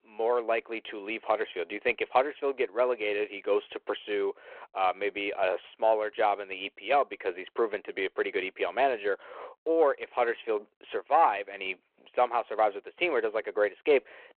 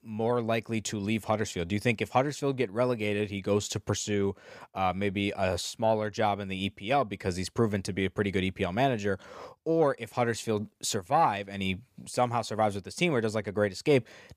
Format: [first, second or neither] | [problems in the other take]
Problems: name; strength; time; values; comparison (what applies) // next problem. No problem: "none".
second | phone-call audio